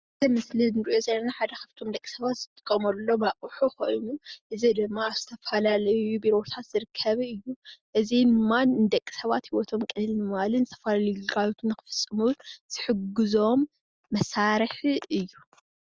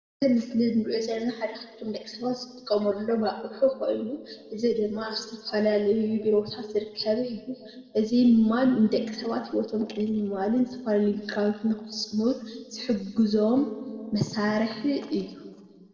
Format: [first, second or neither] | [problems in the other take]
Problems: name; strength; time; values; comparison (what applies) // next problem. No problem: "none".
first | noise reduction (neural separator model SepFormer DNS4)